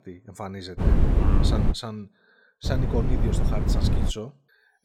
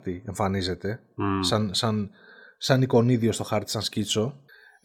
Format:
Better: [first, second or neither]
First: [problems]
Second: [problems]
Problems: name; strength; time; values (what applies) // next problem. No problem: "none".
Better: second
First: wind noise on the microphone; heavy; at 1 s and from 2.5 to 4 s; 1 dB above the speech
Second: none